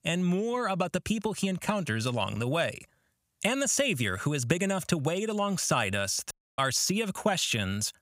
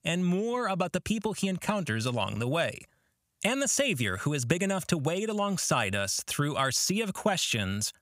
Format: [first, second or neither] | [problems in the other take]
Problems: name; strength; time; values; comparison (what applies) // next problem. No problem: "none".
second | audio cutting out; at 6.5 s